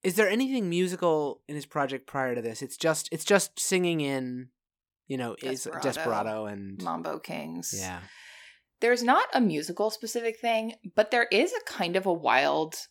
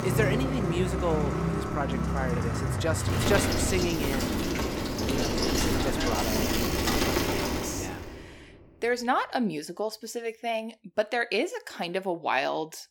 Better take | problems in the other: first | traffic noise; very loud; until 7.5 s; 3 dB above the speech

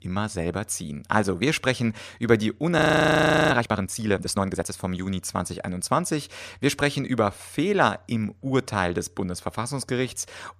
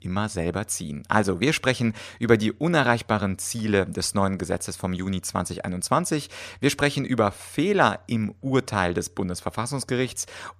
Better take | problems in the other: second | audio freezing; at 3 s for 0.5 s

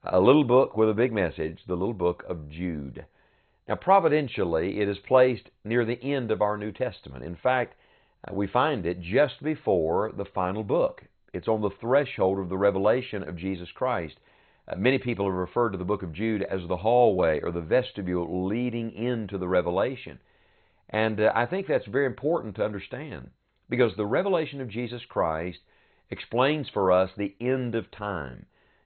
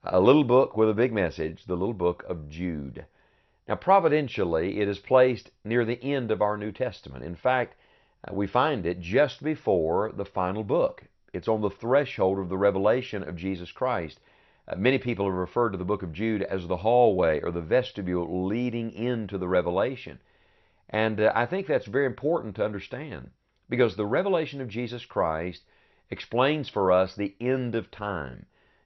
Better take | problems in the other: second | garbled, watery; badly; nothing above 4 kHz; slightly in the second

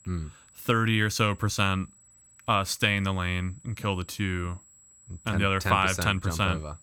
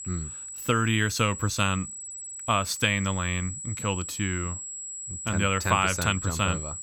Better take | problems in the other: first | high-pitched whine; loud; throughout; 7.5 kHz, 8 dB below the speech; faint in the first

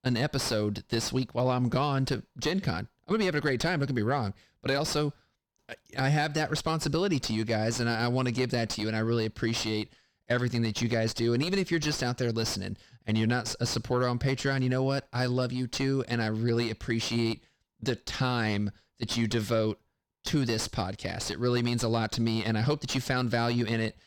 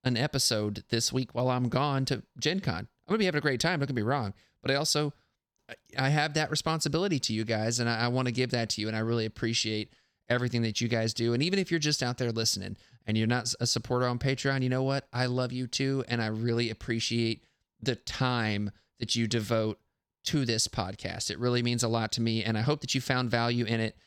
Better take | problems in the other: second | distortion; slight; 9 dB below the speech

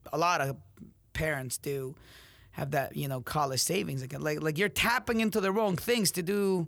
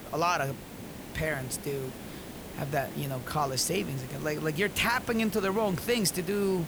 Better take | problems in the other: first | hiss; noticeable; throughout; 10 dB below the speech

